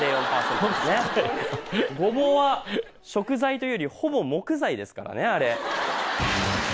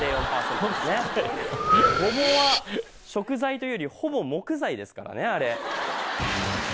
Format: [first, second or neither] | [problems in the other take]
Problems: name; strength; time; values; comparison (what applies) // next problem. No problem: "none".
first | background sound (Breathing); 3 dB below the speech